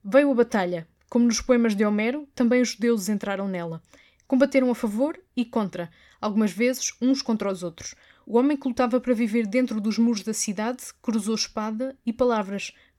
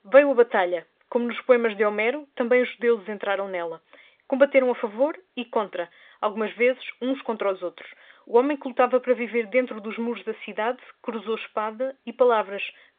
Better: first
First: none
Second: phone-call audio; nothing above 3.5 kHz

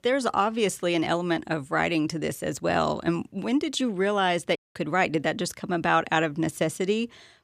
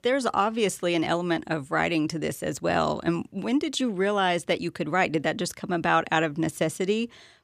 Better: second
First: audio cutting out; at 4.5 s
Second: none

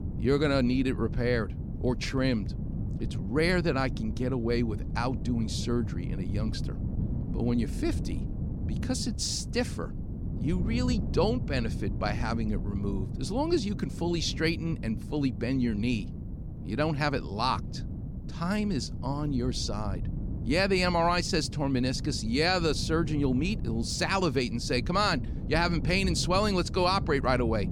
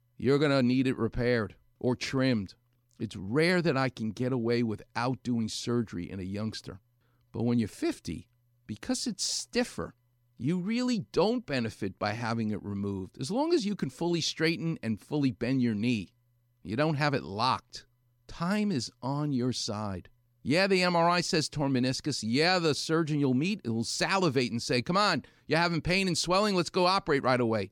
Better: second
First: wind noise on the microphone; occasional gusts; 15 dB below the speech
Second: none

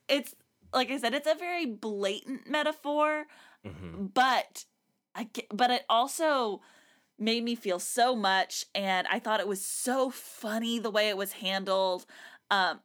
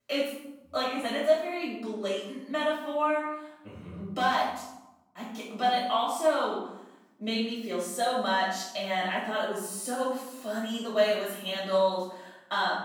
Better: first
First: none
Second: off-mic speech; far // room echo; noticeable; dies away in 0.8 s

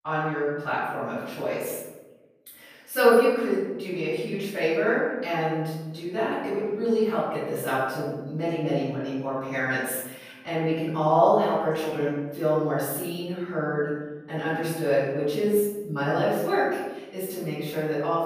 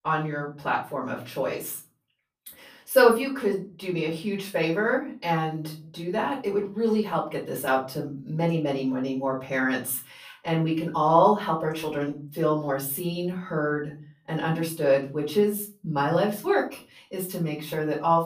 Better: second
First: room echo; strong; dies away in 1 s // off-mic speech; far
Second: room echo; slight; dies away in 0.4 s // off-mic speech; far

